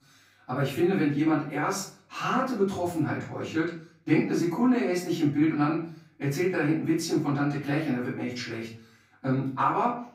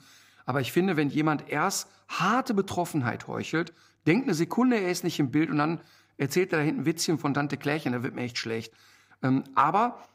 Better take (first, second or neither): second